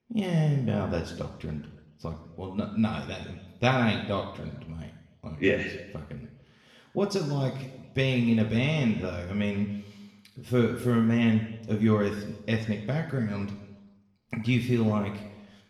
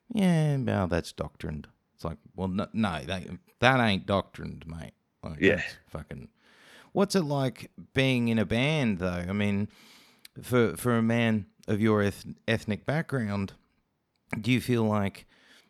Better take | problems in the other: second | room echo; noticeable; dies away in 1 s // off-mic speech; somewhat distant

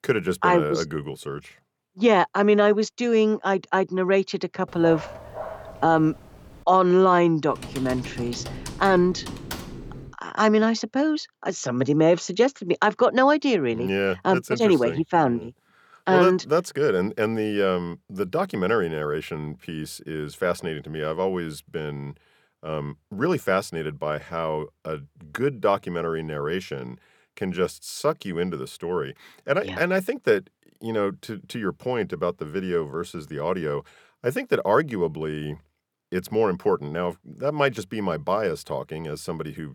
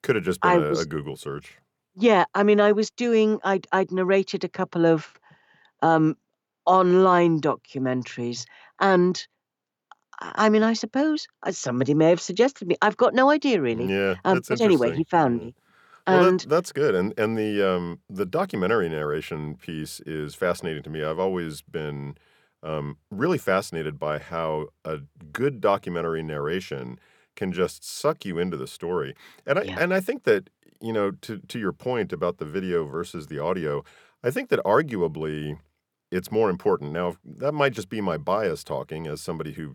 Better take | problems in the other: second | dog barking; faint; from 4.5 to 6.5 s; peak 10 dB below the speech // keyboard typing; faint; from 7.5 to 10 s; peak 10 dB below the speech

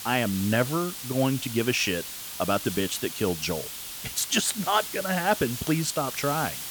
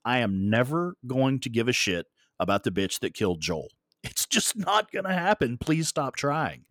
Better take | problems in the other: second | hiss; loud; throughout; 7 dB below the speech

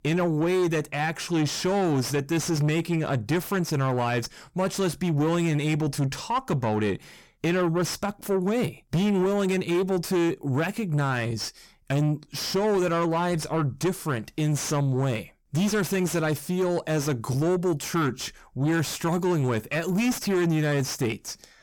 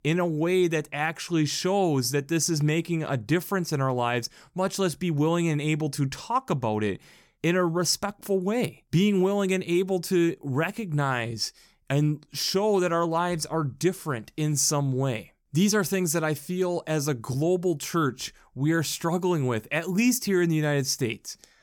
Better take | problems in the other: second | distortion; slight; 10 dB below the speech

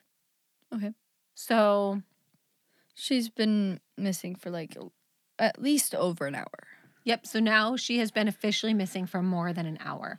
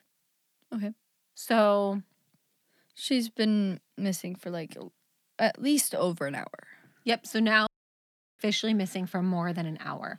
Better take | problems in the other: first | audio cutting out; at 7.5 s for 0.5 s

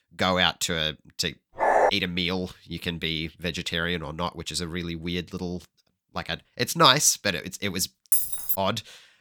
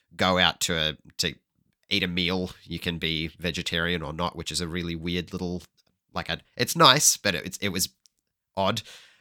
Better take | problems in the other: second | dog barking; loud; at 1.5 s; peak 5 dB above the speech // jangling keys; loud; at 8 s; peak 4 dB above the speech

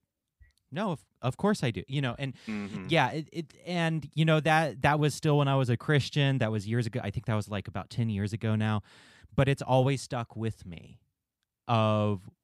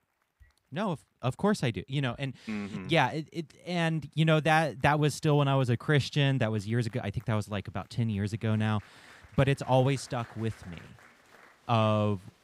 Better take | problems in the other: first | crowd noise; faint; throughout; 30 dB below the speech

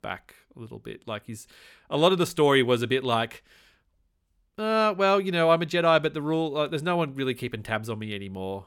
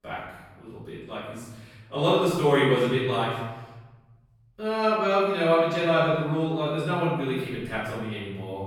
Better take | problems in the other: first | off-mic speech; far // room echo; strong; dies away in 1.2 s

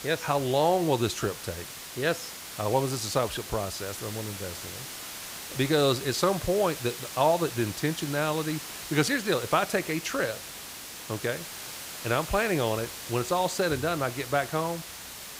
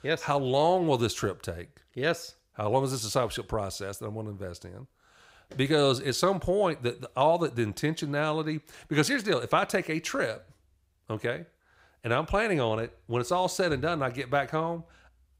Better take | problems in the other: second | hiss; loud; throughout; 10 dB below the speech

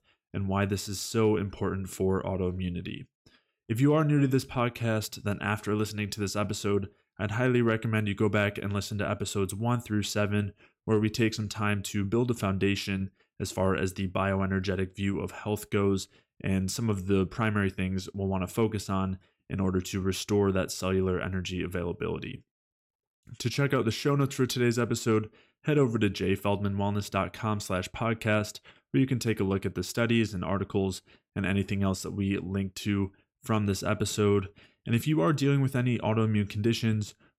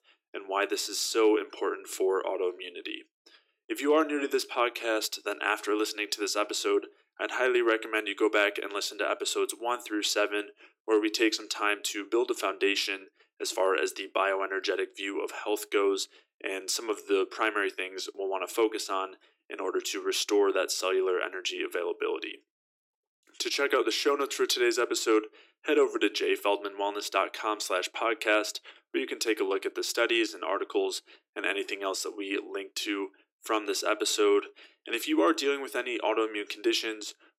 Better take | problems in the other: first | thin; very; fading below 300 Hz

